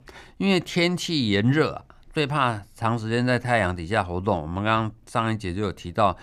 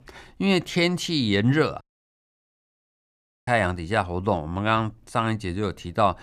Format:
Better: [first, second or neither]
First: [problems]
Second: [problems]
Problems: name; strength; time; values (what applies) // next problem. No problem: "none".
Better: first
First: none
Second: audio cutting out; at 2 s for 1.5 s